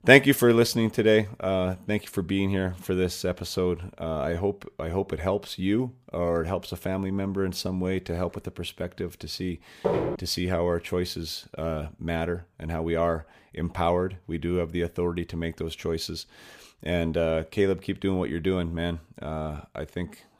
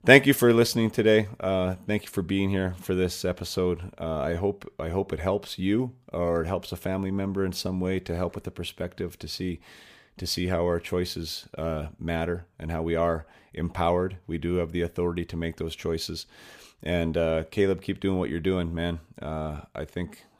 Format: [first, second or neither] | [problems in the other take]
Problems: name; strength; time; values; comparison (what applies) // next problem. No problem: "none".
second | footsteps; loud; at 10 s; peak 1 dB above the speech